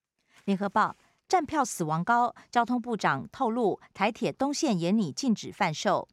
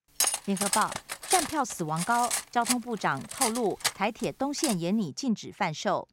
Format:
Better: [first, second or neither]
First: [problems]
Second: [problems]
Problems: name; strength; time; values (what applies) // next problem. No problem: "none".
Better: first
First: none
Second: clattering dishes; loud; until 4.5 s; peak 4 dB above the speech